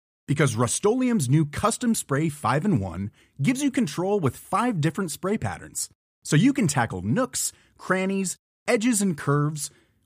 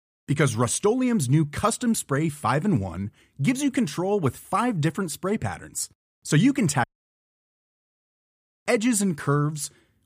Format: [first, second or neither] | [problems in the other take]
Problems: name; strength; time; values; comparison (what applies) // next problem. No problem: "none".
first | audio cutting out; at 7 s for 1.5 s